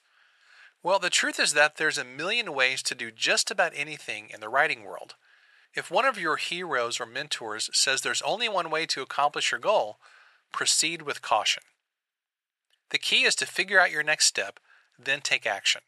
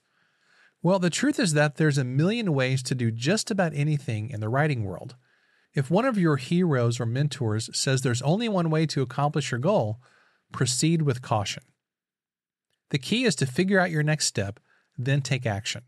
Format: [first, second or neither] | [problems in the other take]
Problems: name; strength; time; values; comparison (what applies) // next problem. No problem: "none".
second | thin; very; fading below 800 Hz